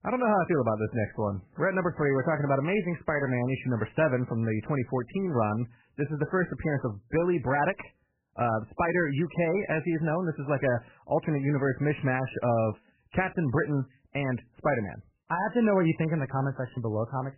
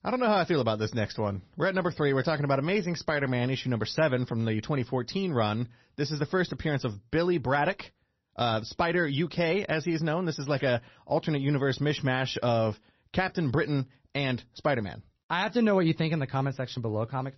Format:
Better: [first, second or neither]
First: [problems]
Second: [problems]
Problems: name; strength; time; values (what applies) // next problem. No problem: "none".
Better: second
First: garbled, watery; badly; nothing above 3 kHz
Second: garbled, watery; slightly; nothing above 6 kHz